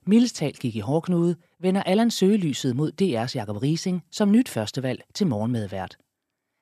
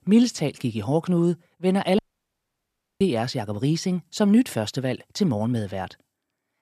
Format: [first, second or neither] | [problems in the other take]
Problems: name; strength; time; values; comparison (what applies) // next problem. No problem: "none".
first | audio cutting out; at 2 s for 1 s